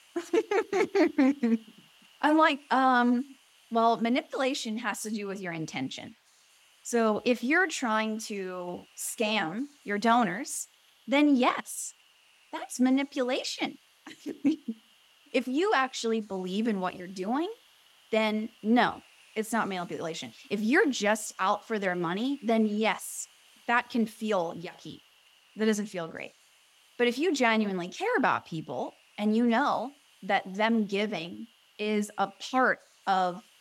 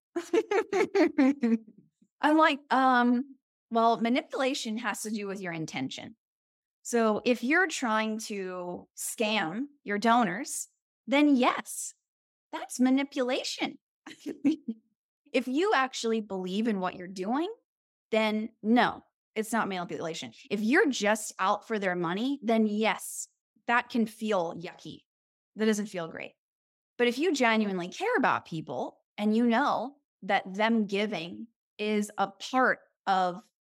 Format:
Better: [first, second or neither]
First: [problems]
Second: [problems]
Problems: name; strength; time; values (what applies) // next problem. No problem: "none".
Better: second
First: hiss; faint; throughout; 30 dB below the speech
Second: none